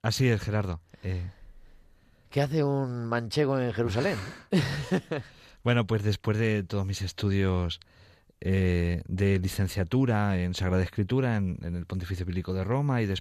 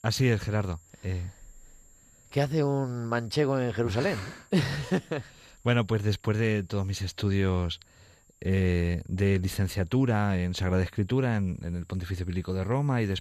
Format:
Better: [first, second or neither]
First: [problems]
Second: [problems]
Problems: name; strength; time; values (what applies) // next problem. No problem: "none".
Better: first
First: none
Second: high-pitched whine; faint; throughout; 7.5 kHz, 30 dB below the speech